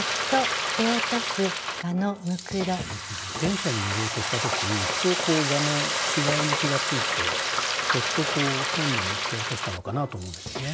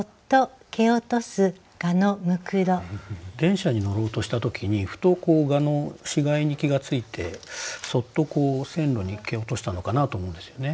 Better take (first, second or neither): second